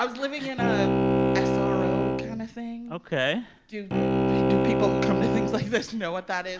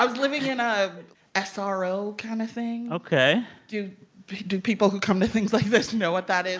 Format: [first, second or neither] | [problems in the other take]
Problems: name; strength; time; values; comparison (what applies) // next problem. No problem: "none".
second | background sound (Bowed string instrument); 4 dB above the speech